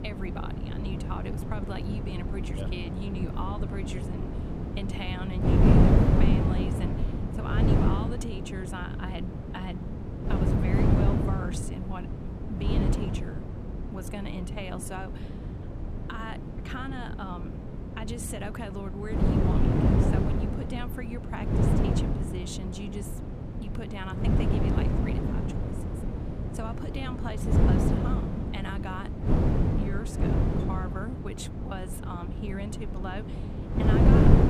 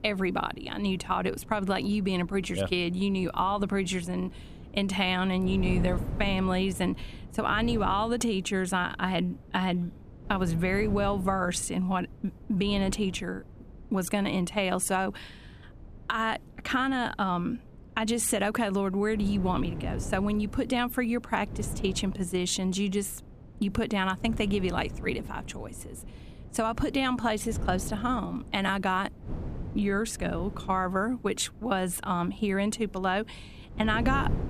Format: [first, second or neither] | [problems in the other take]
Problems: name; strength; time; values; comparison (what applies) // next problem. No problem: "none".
second | wind noise on the microphone; heavy; 4 dB above the speech; occasional gusts in the second